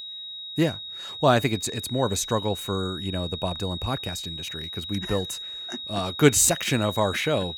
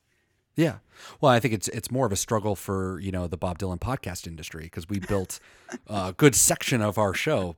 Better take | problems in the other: second | high-pitched whine; loud; throughout; 4 kHz, 8 dB below the speech

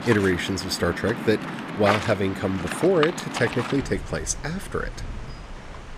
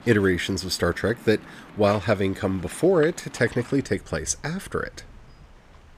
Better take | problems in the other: second | rain or running water; loud; throughout; 7 dB below the speech; faint in the second

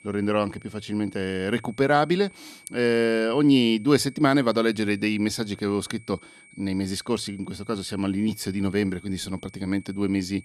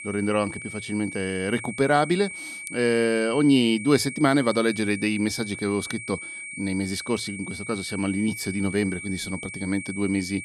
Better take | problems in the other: first | high-pitched whine; loud; throughout; 2.5 kHz, 10 dB below the speech; faint in the first

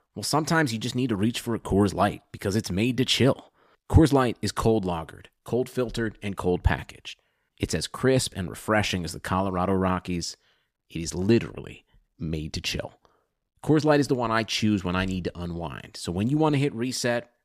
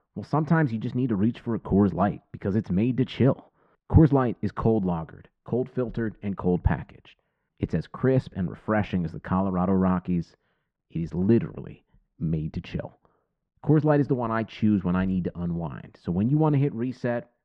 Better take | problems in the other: first | muffled; very; fading above 1.5 kHz

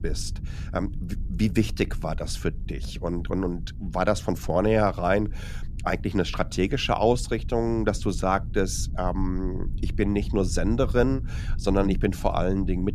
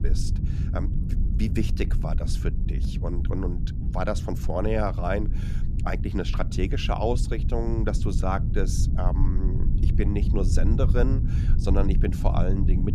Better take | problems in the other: first | low rumble; loud; throughout; 9 dB below the speech; faint in the first

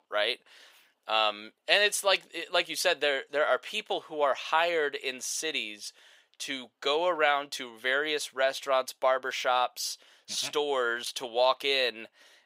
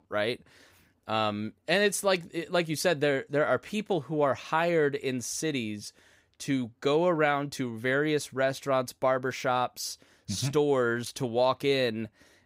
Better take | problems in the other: second | thin; very; fading below 650 Hz

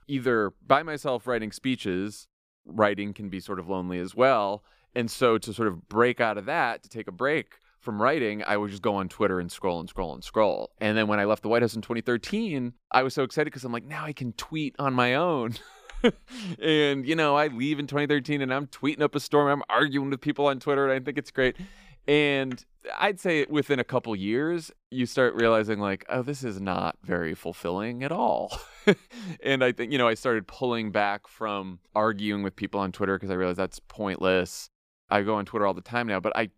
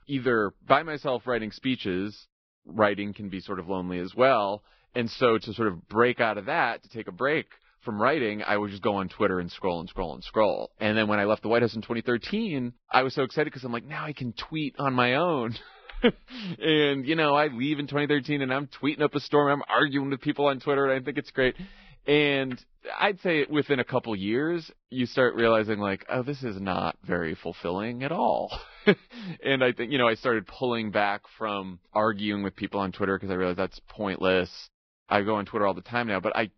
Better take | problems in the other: first | garbled, watery; badly; nothing above 5.5 kHz

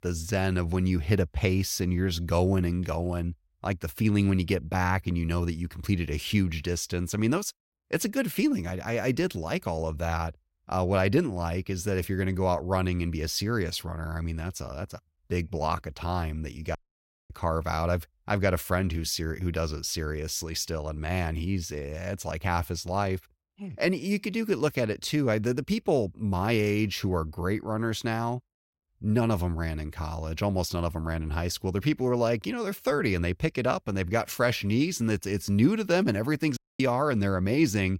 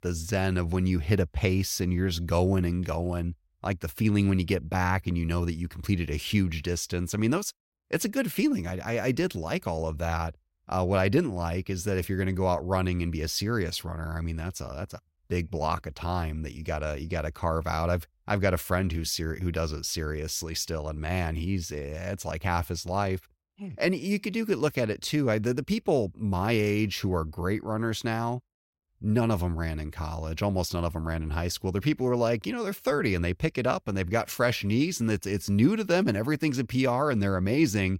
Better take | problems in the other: second | audio cutting out; at 17 s for 0.5 s and at 37 s

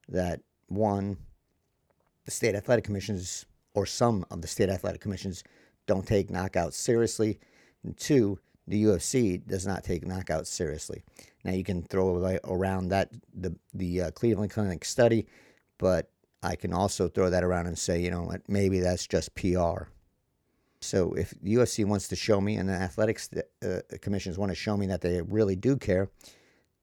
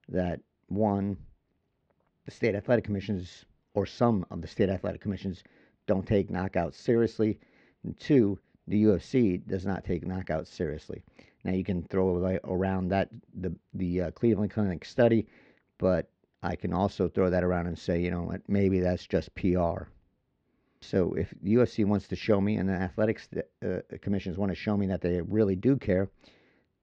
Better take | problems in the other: first | muffled; slightly; fading above 4 kHz

